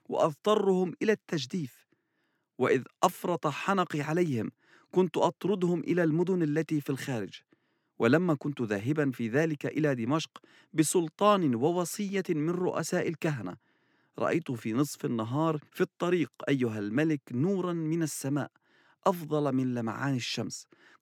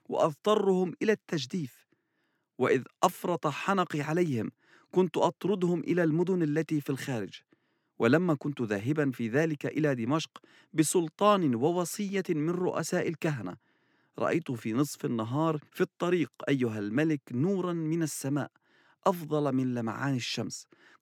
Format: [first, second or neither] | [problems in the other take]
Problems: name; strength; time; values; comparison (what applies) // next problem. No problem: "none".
neither | none